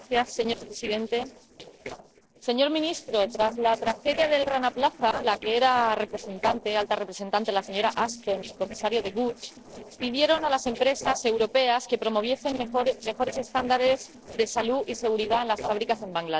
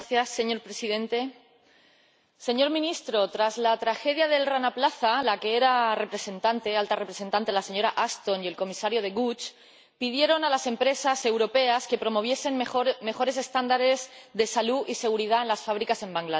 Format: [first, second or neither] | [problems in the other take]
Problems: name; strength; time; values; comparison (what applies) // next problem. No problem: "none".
second | noise reduction (neural separator model SepFormer DNS4)